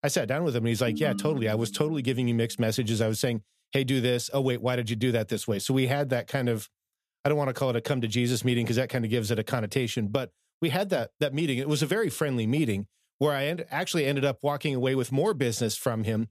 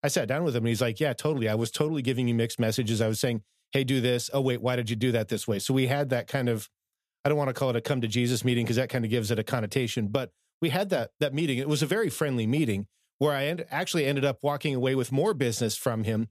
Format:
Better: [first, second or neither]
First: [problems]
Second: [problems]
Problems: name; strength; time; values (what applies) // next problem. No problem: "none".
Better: second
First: phone ringing; noticeable; from 1 to 2 s; peak 6 dB below the speech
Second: none